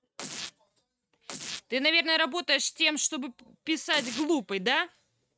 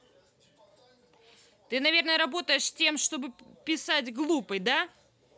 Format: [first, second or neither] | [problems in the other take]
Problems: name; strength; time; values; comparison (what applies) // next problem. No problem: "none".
second | noise reduction (neural mask model RNNoise)